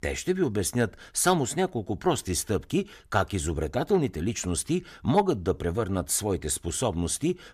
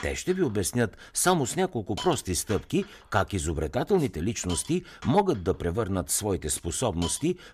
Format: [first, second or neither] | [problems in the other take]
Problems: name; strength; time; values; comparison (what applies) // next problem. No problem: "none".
first | hiss; noticeable; throughout; 15 dB below the speech